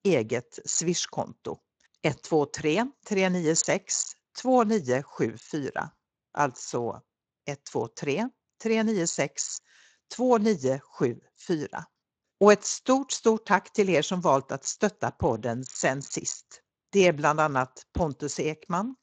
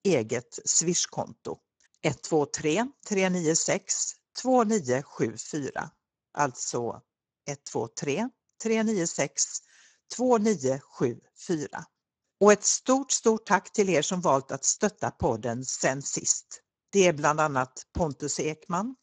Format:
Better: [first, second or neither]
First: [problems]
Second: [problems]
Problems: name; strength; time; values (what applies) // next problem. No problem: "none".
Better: first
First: garbled, watery; slightly; nothing above 7.5 kHz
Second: garbled, watery; badly; nothing above 7.5 kHz